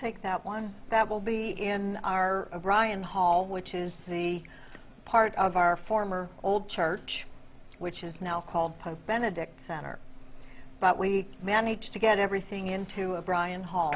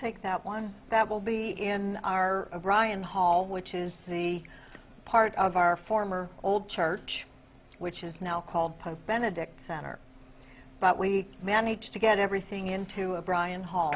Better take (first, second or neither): second